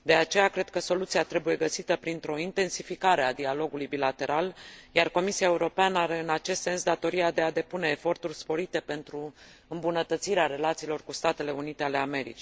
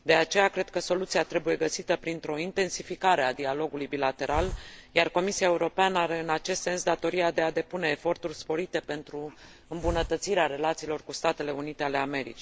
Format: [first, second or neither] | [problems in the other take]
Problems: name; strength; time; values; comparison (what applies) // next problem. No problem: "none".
first | background sound (Hiss); 17 dB below the speech